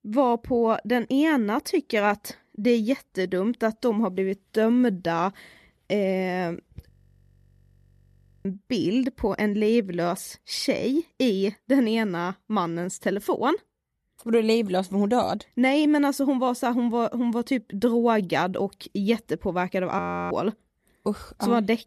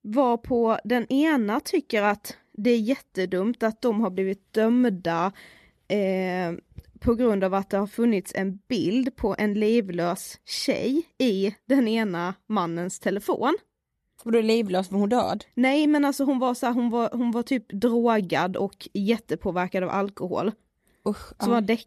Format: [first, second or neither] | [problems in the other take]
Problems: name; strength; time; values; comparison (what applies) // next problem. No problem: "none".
second | audio freezing; at 7 s for 1.5 s and at 20 s